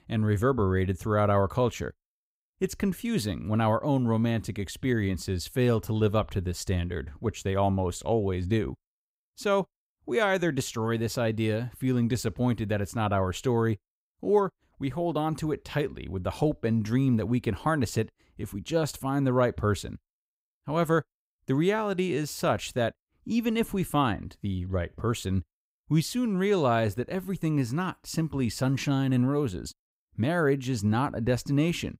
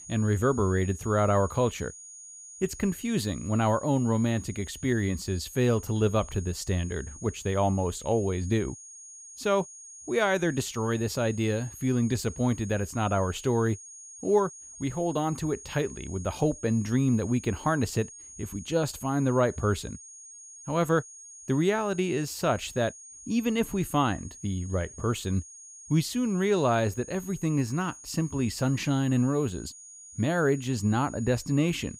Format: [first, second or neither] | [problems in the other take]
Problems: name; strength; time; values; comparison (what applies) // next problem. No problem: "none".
first | high-pitched whine; noticeable; throughout; 6.5 kHz, 15 dB below the speech